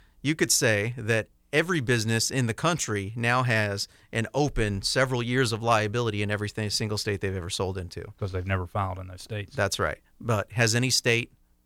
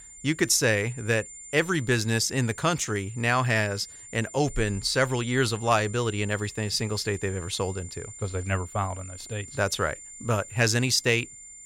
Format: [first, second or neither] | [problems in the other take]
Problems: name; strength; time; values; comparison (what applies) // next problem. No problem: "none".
first | high-pitched whine; noticeable; throughout; 7 kHz, 15 dB below the speech